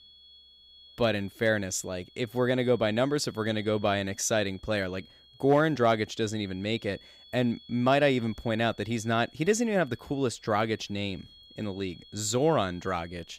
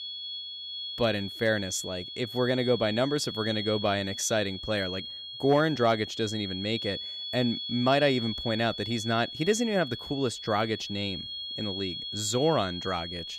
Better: first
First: high-pitched whine; faint; throughout; 3.5 kHz, 25 dB below the speech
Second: high-pitched whine; loud; throughout; 3.5 kHz, 7 dB below the speech

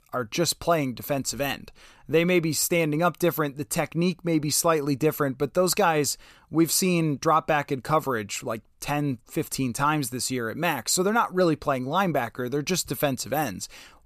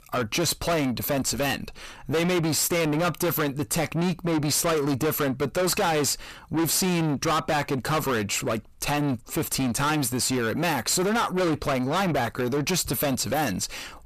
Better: first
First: none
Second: distortion; heavy; 5 dB below the speech

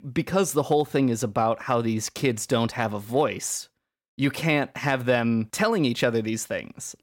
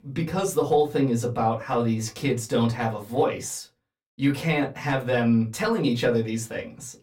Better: first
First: none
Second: off-mic speech; far // room echo; very slight; dies away in 0.2 s

